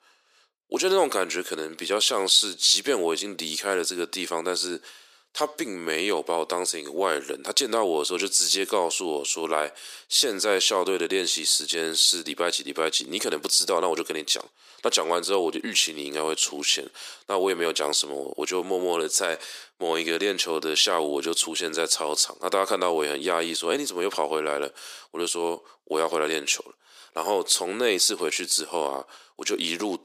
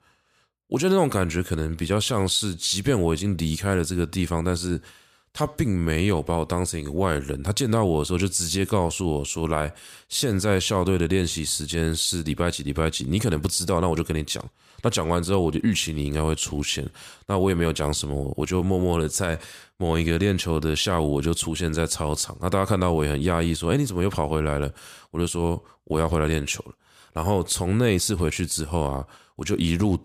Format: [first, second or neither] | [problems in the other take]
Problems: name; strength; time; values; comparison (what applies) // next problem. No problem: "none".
second | thin; very; fading below 350 Hz